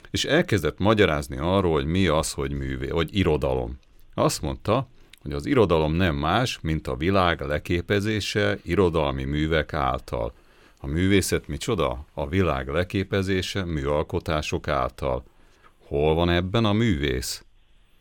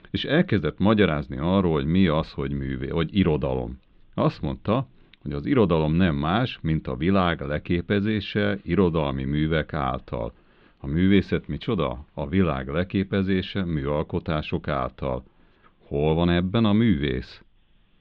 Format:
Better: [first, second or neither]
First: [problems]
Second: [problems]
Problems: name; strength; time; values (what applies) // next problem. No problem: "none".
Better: first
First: none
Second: muffled; slightly; fading above 3.5 kHz